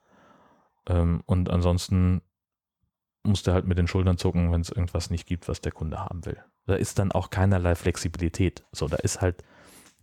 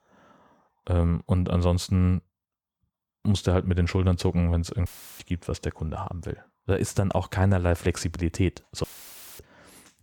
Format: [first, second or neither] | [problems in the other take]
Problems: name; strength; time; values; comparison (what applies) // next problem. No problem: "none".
first | audio cutting out; filled with static; at 5 s and at 9 s for 0.5 s